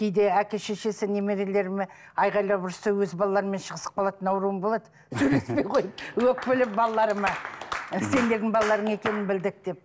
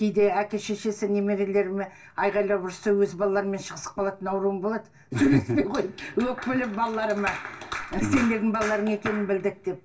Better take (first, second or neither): first